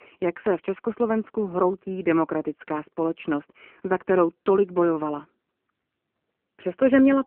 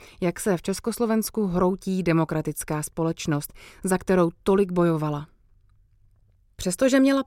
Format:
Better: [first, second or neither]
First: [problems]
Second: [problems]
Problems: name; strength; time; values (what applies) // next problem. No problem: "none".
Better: second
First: phone-call audio; poor line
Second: none